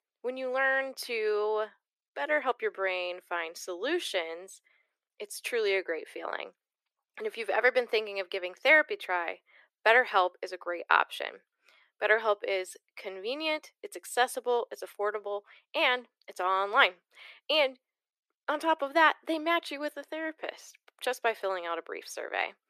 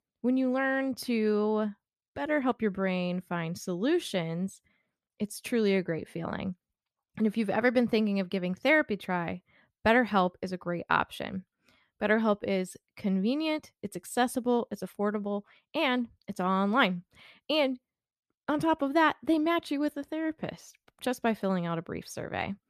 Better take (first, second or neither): second